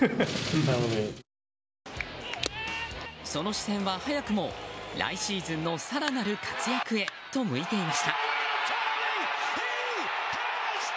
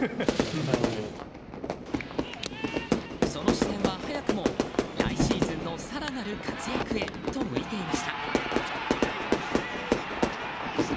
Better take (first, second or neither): first